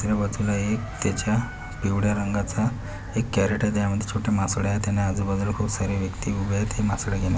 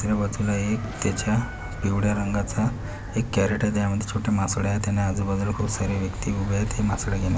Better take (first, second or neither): first